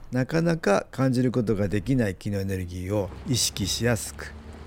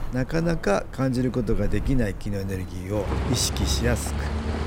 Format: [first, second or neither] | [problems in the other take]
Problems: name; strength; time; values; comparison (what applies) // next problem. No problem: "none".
first | traffic noise; loud; throughout; 5 dB below the speech; faint in the first